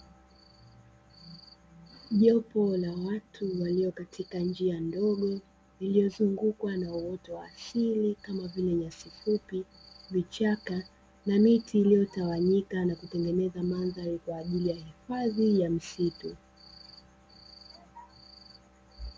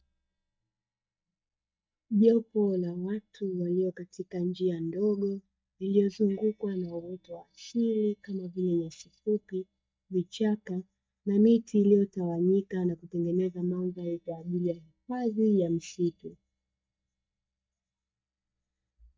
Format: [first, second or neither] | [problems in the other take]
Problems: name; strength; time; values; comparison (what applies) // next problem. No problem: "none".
first | noise reduction (neural mask model DeepFilterNet 3)